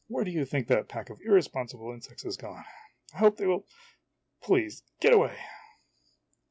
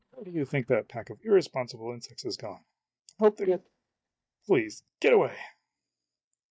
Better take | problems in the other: first | noise reduction (neural mask model DeepFilterNet 3)

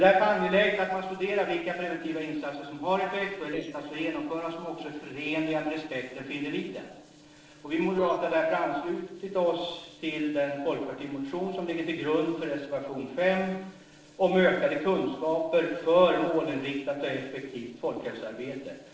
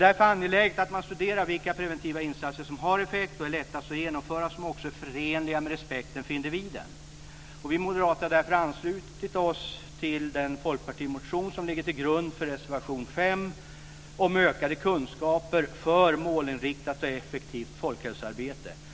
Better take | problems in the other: second | noise reduction (neural separator model SepFormer DNS4)

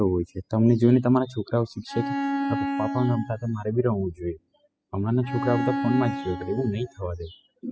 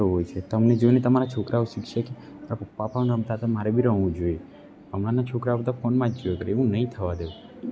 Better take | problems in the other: second | noise reduction (classical method spectral subtraction)

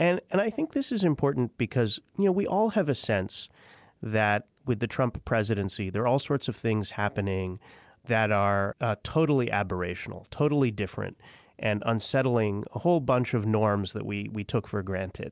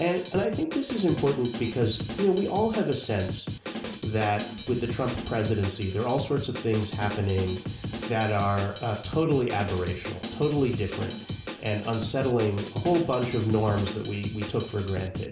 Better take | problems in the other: first | background sound (Drum kit); 9 dB below the speech // room echo; dies away in 0.5 s

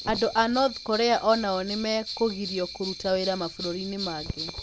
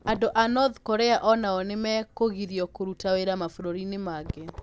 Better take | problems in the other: second | background sound (Bell); 11 dB below the speech

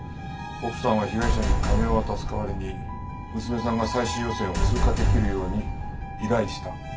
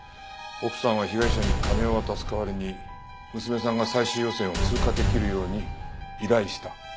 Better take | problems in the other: second | background sound (Aircraft); 11 dB below the speech // room echo; dies away in 0.2 s

